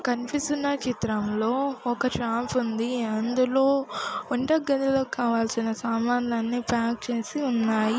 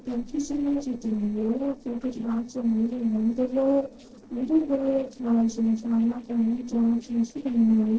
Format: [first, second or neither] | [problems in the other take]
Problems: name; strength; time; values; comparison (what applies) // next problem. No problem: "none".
first | noise reduction (neural separator model SepFormer DNS4)